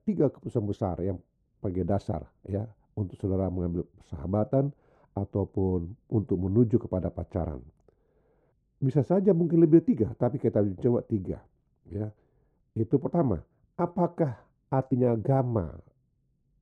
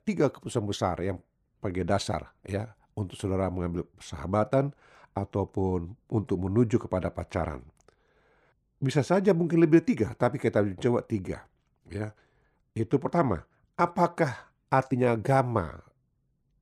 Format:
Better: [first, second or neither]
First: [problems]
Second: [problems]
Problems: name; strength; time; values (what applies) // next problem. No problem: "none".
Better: second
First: muffled; very; fading above 1 kHz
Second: none